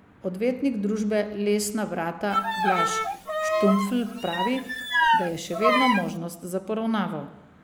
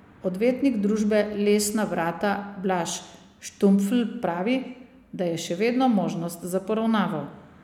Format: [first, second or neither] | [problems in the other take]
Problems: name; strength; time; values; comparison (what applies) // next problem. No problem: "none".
second | background sound (Bowed string instrument); 2 dB above the speech